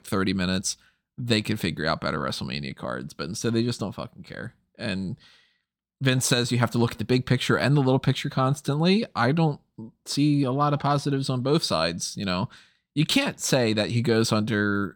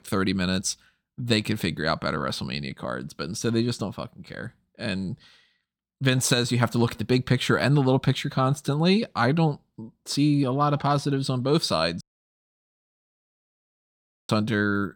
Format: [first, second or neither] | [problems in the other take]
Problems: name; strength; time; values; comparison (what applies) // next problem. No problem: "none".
first | audio cutting out; at 12 s for 2.5 s